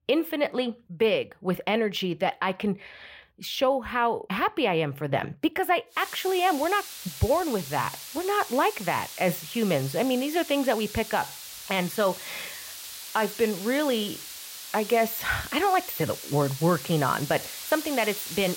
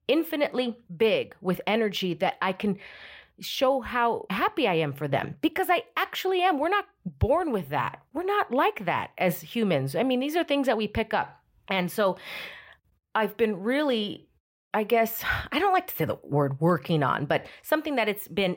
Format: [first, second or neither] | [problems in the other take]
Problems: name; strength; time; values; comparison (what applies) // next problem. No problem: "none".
second | hiss; noticeable; from 6 s on; 10 dB below the speech